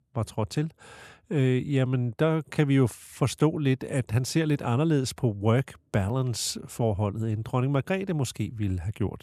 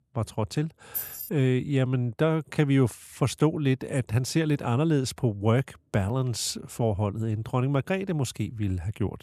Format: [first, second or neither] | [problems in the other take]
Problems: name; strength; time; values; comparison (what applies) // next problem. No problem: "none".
first | jangling keys; noticeable; at 1 s; peak 5 dB below the speech